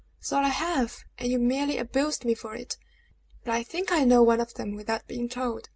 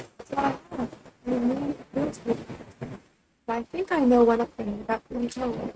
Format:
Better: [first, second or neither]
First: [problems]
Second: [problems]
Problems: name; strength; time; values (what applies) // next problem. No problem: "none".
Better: first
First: none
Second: noise reduction (neural mask model RNNoise)